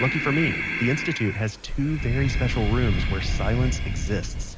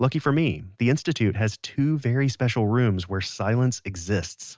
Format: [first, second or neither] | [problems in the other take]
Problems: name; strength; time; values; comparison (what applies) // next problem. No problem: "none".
second | background sound (Breathing); as loud as the speech